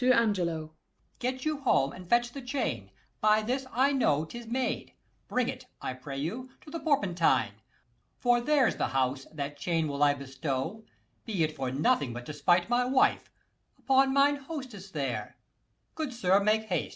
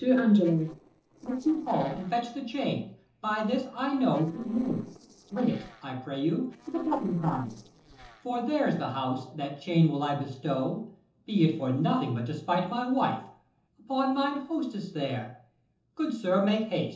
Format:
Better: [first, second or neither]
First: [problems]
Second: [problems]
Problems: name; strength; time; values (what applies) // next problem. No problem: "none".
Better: first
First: none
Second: noise reduction (neural separator model SepFormer DNS4)